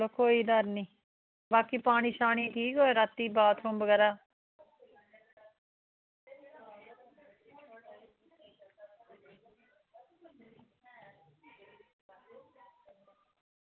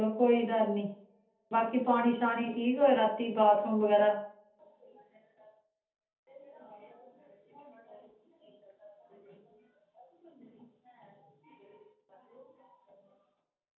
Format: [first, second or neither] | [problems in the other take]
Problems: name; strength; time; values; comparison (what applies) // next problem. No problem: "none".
first | room echo; dies away in 0.5 s